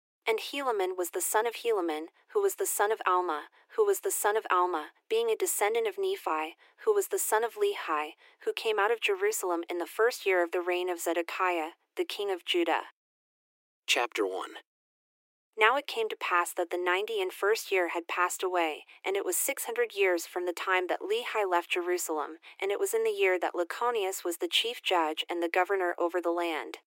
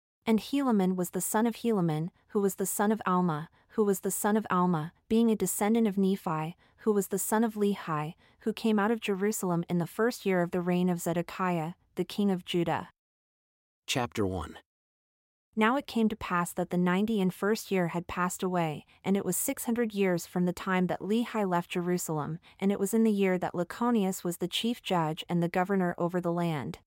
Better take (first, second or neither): second